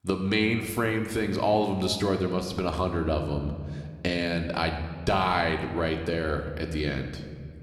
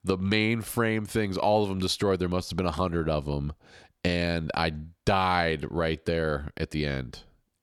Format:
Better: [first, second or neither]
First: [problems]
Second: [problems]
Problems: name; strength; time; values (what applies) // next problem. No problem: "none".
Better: second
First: room echo; slight; dies away in 1.5 s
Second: none